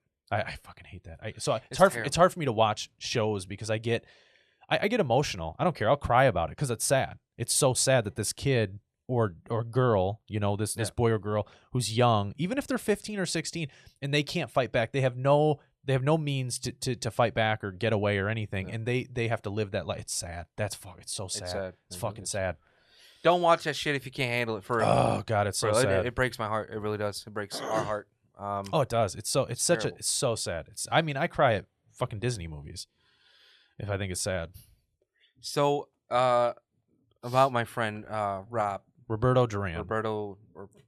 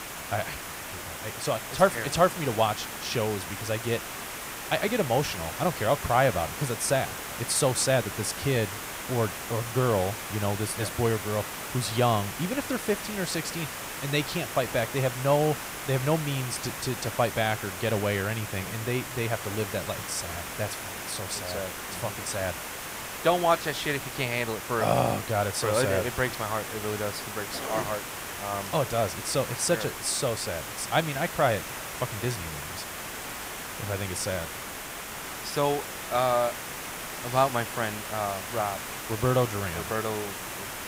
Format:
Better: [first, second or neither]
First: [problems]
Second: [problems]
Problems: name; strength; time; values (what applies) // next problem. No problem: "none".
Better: first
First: none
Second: hiss; loud; throughout; 6 dB below the speech